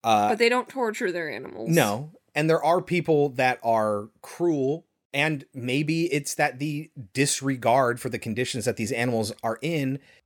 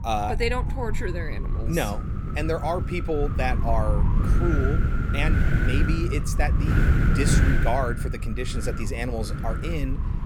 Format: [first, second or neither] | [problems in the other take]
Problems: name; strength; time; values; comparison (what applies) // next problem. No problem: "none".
first | wind noise on the microphone; heavy; 4 dB below the speech